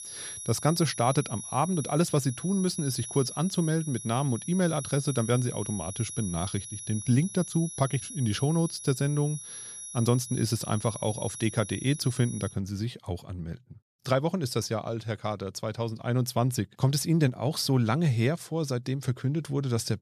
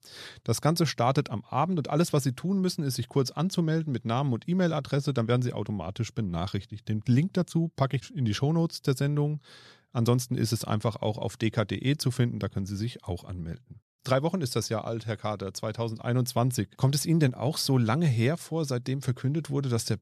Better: second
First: high-pitched whine; loud; until 13 s; 11 kHz, 9 dB below the speech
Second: none

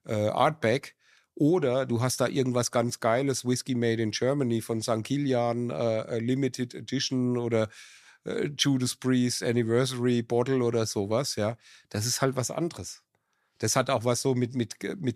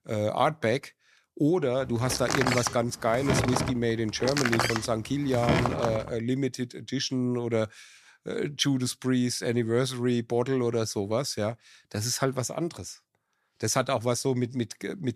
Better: first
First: none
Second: door banging; loud; from 2 to 6 s; peak 2 dB above the speech

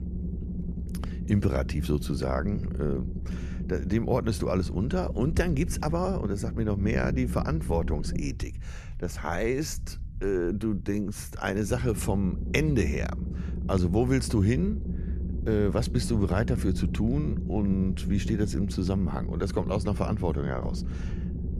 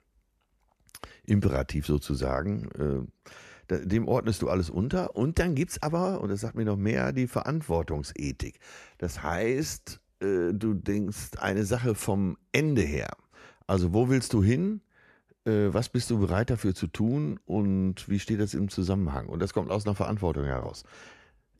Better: second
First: low rumble; noticeable; throughout; 10 dB below the speech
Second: none

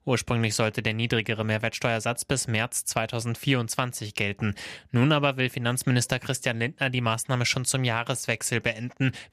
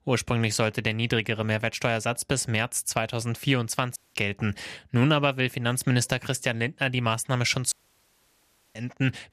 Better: first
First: none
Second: audio cutting out; at 4 s and at 7.5 s for 1 s

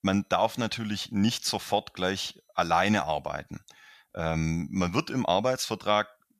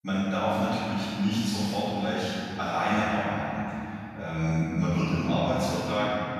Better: first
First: none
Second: off-mic speech; far // room echo; strong; dies away in 3 s

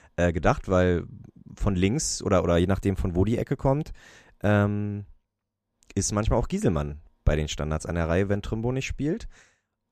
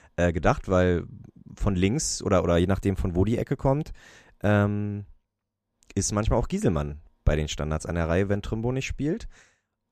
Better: neither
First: none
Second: none

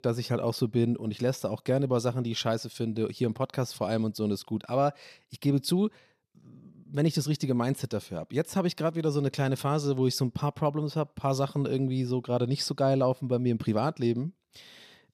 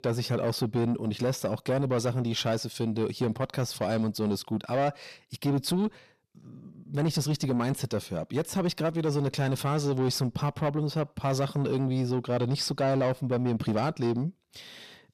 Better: first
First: none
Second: distortion; slight; 10 dB below the speech

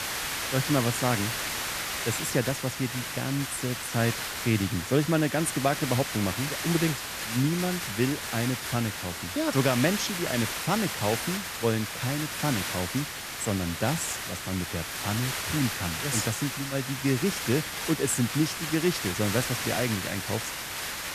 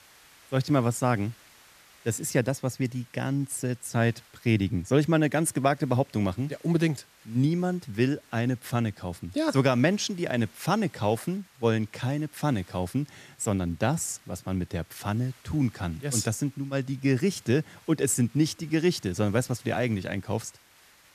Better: second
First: hiss; loud; throughout; 2 dB below the speech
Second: hiss; faint; throughout; 25 dB below the speech

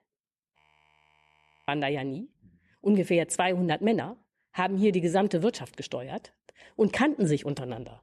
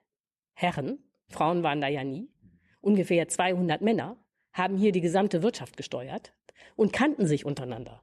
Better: second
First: audio freezing; at 0.5 s for 1 s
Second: none

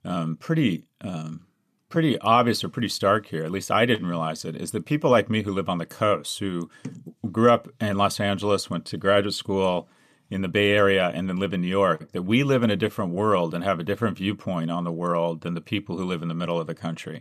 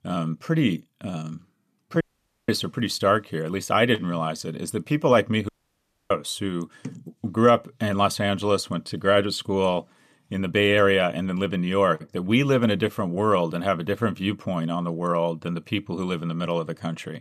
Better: first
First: none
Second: audio cutting out; at 2 s and at 5.5 s for 0.5 s

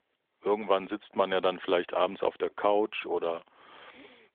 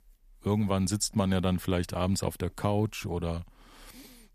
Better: second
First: phone-call audio; nothing above 3.5 kHz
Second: none

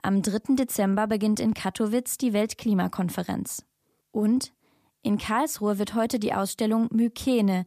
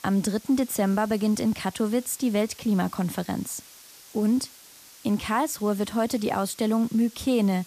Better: first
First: none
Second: hiss; faint; throughout; 20 dB below the speech

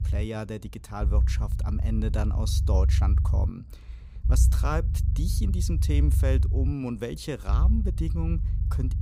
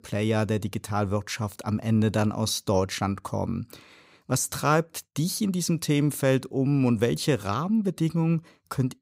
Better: second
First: low rumble; loud; throughout; 7 dB below the speech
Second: none

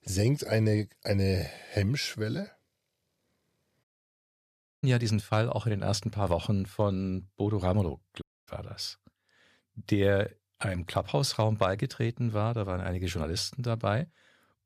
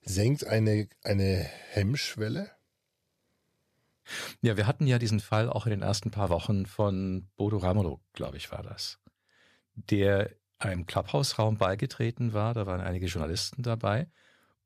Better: second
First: audio cutting out; at 4 s for 1 s and at 8 s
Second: none

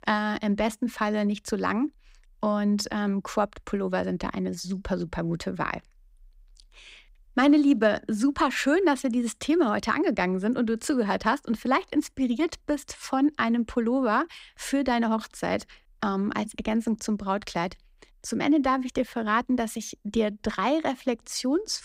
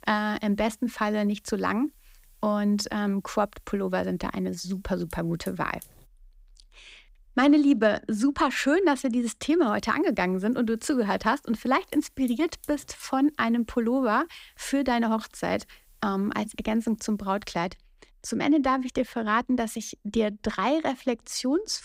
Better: first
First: none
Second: hiss; faint; until 6 s and from 9.5 to 18 s; 30 dB below the speech

